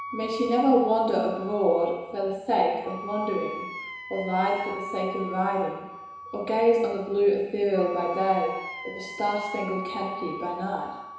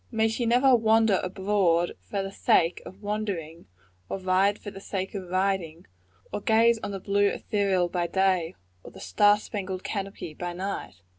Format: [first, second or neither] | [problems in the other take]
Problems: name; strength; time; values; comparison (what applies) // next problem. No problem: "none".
second | background sound (Wind instrument, woodwind instrument); 12 dB below the speech // room echo; dies away in 1 s